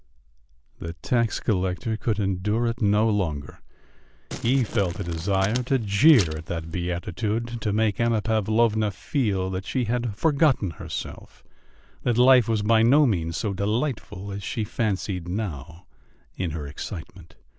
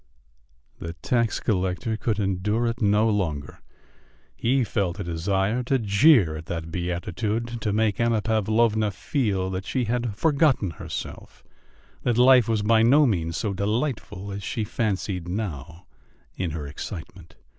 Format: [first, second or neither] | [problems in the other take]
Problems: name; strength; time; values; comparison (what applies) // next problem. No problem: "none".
second | background sound (Crumpling, crinkling); 13 dB below the speech